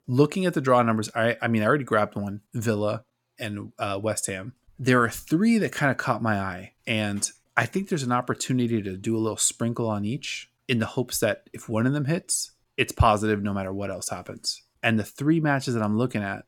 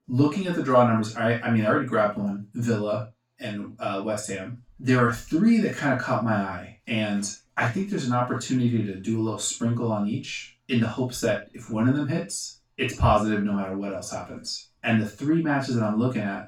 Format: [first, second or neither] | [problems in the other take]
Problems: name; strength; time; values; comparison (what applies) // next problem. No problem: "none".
first | room echo; noticeable; dies away in 0.2 s // off-mic speech; far